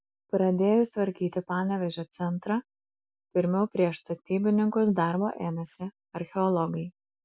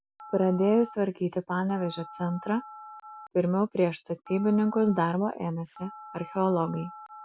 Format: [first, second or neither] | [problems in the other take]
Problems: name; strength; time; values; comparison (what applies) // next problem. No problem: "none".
first | background sound (Telephone); 19 dB below the speech